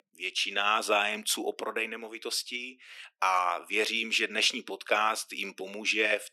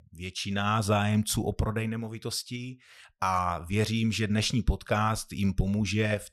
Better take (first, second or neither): second